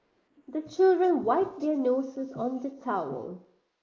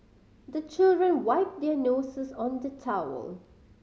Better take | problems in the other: second | noise reduction (neural mask model Resemble Enhance denoiser)

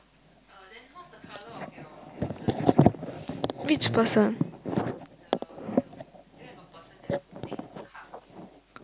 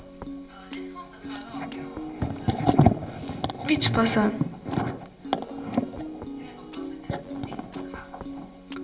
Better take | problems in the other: first | background sound (Piano); 10 dB below the speech // room echo; dies away in 0.9 s

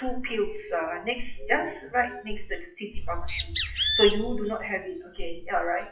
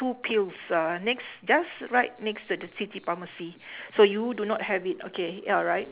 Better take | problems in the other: second | noise reduction (classical method WPE with log-MMSE)

